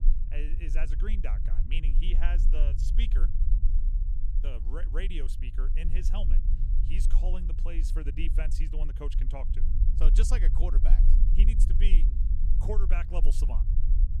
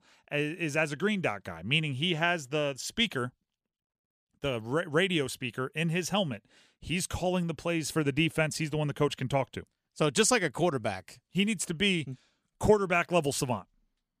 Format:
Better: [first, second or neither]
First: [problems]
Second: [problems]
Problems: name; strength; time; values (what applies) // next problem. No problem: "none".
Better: second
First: low rumble; loud; throughout; 8 dB below the speech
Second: none